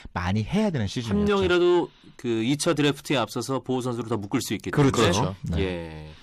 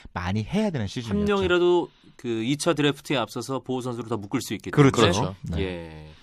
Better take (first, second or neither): second